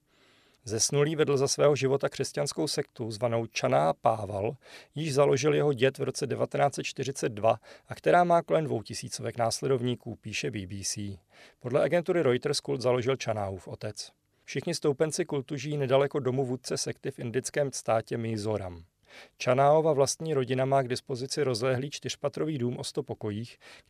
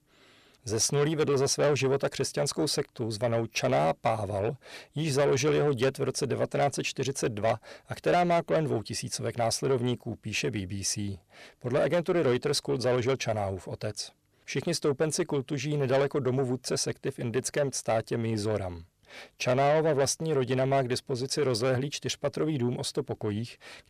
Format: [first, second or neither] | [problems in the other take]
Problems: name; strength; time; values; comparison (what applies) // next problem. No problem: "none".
first | distortion; slight; 10 dB below the speech